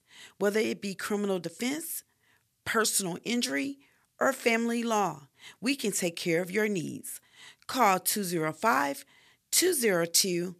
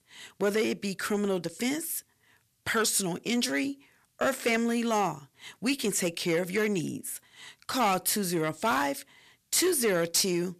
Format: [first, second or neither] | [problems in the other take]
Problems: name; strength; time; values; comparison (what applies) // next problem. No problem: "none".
first | distortion; slight; 10 dB below the speech